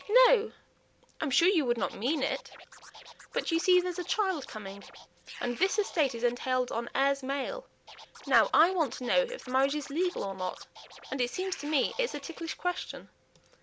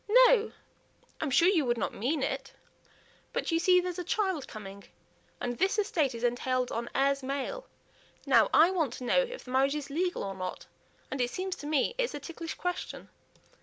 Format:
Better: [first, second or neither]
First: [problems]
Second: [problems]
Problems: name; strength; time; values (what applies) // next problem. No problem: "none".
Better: second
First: background sound (Scratching (performance technique)); 20 dB below the speech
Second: none